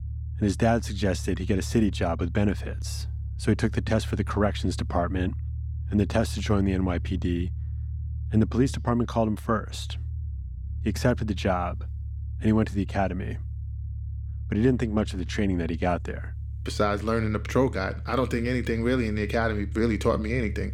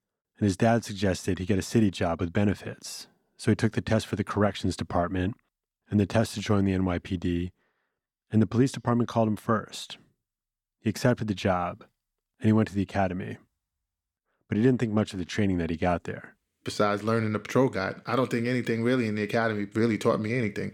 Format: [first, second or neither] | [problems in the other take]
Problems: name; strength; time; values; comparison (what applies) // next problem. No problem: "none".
second | low rumble; faint; throughout; 20 dB below the speech